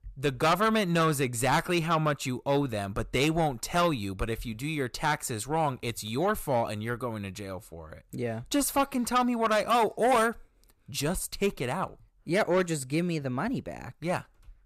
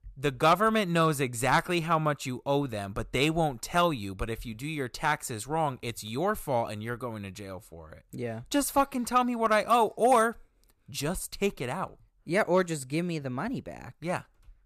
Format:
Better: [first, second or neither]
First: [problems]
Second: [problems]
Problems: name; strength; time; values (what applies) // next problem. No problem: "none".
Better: second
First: distortion; slight; 10 dB below the speech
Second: none